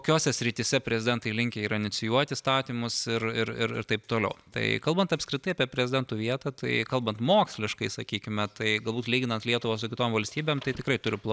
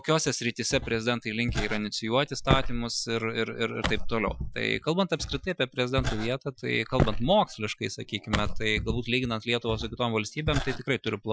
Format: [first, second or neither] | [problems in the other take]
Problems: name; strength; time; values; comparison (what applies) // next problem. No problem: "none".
first | noise reduction (classical method Wiener filter)